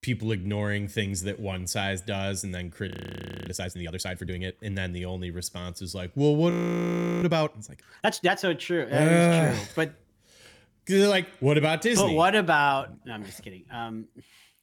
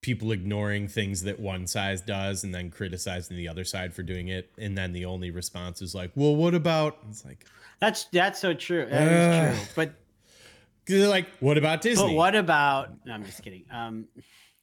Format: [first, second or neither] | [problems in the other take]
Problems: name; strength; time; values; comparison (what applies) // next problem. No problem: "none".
second | audio freezing; at 3 s for 0.5 s and at 6.5 s for 0.5 s